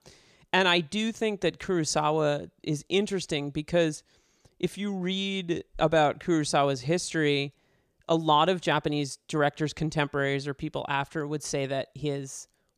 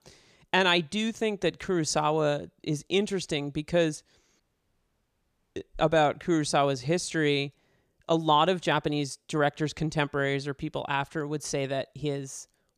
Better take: first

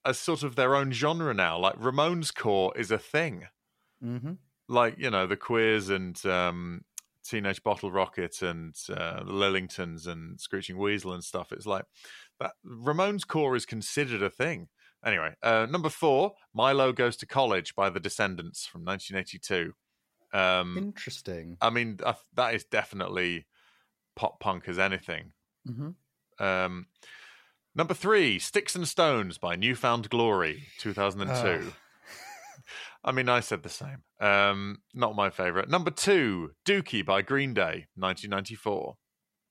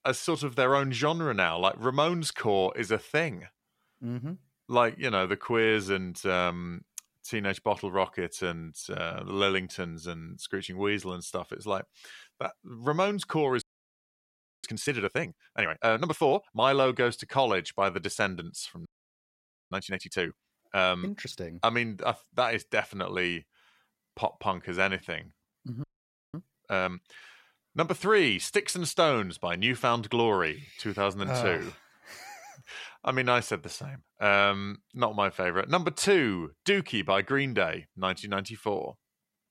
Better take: first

